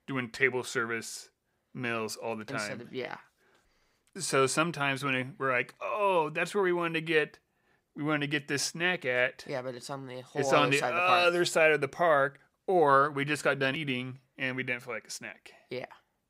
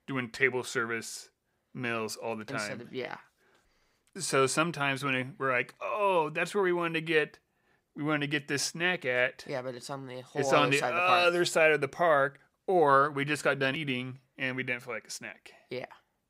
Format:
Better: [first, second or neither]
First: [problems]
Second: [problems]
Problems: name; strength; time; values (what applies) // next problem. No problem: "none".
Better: neither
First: none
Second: none